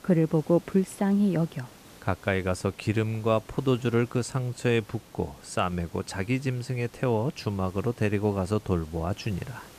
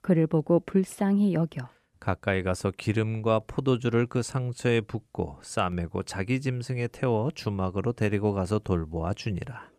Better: second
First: hiss; faint; throughout; 25 dB below the speech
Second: none

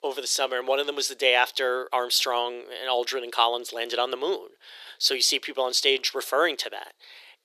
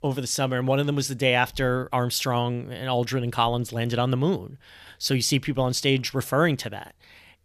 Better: second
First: thin; very; fading below 400 Hz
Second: none

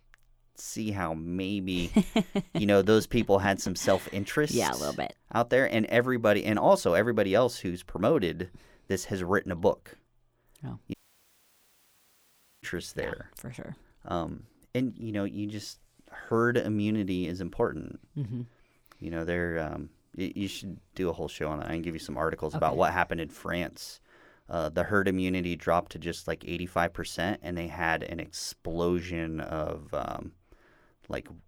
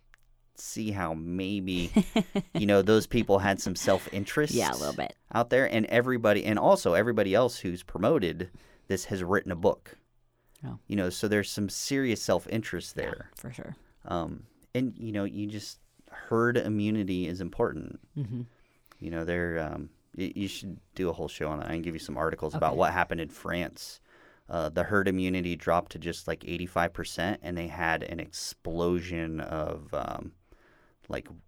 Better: second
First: audio cutting out; at 11 s for 1.5 s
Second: none

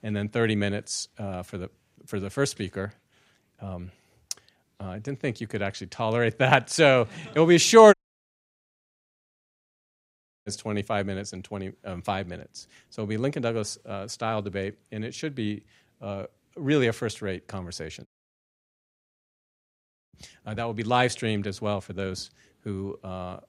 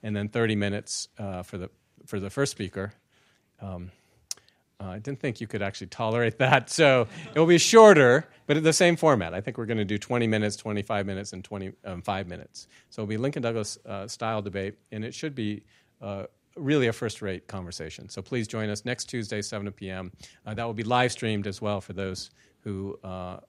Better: second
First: audio cutting out; at 8 s for 2.5 s and at 18 s for 2 s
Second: none

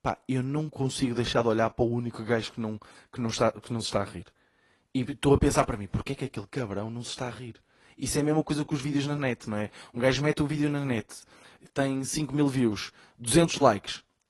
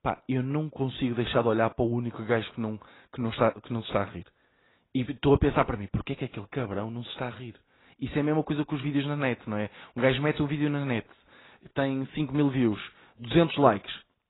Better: first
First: garbled, watery; slightly; nothing above 11 kHz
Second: garbled, watery; badly; nothing above 4 kHz

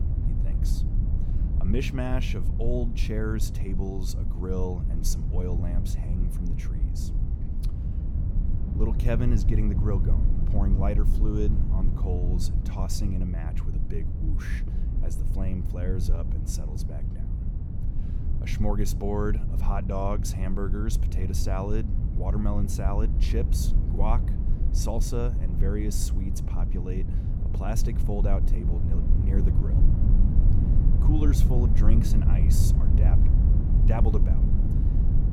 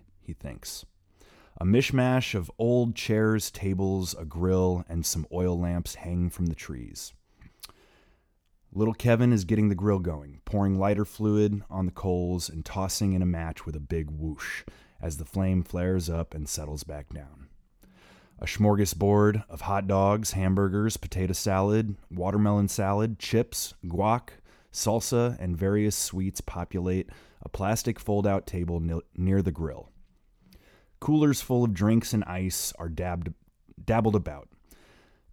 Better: second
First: low rumble; loud; throughout; 5 dB below the speech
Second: none

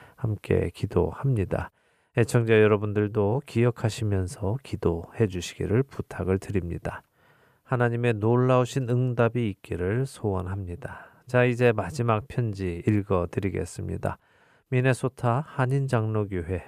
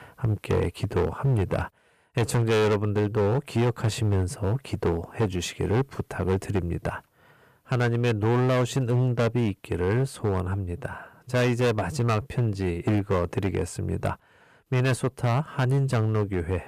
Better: first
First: none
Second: distortion; heavy; 12% of the sound clipped

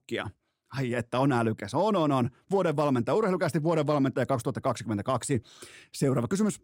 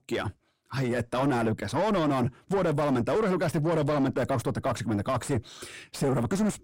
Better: first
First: none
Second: distortion; heavy; 7 dB below the speech

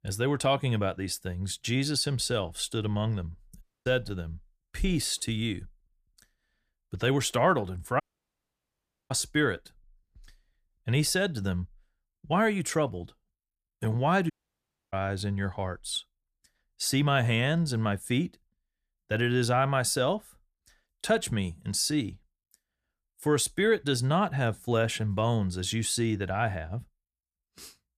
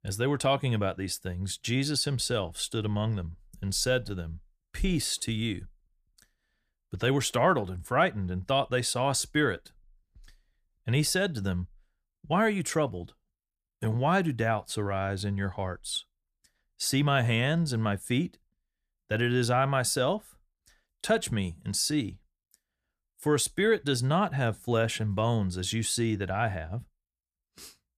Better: second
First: audio cutting out; at 3.5 s, at 8 s for 1 s and at 14 s for 0.5 s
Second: none

